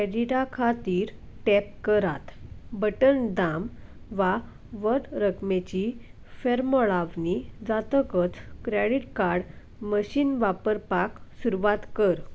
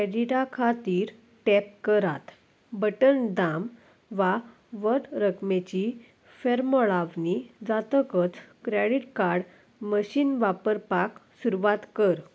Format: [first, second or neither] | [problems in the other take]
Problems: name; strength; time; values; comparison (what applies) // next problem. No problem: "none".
second | background sound (Thunder); 16 dB below the speech